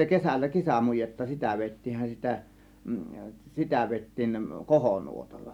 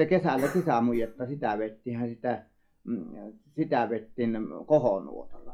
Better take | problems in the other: first | noise reduction (classical method log-MMSE)

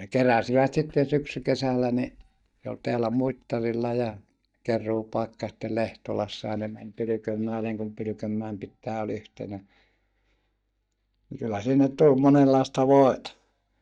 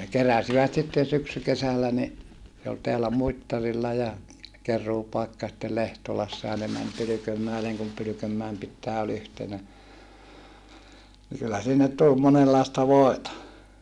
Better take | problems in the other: second | noise reduction (neural mask model DeepFilterNet 3)

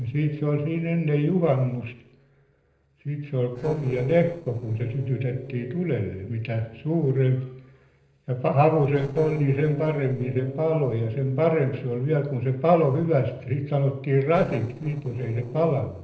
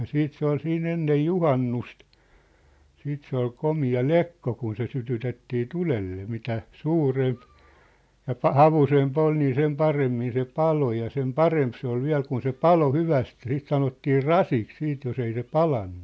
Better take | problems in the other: second | noise reduction (neural separator model SepFormer DNS4)

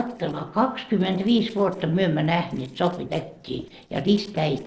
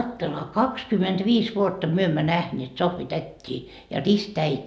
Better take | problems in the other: second | noise reduction (neural separator model SepFormer DNS4)

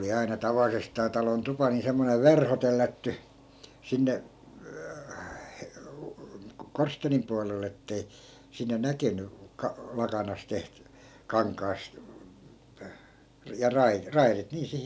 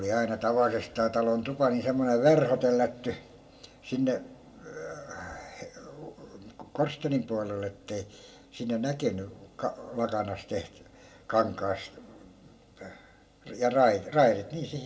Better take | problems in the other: first | room echo; dies away in 0.9 s

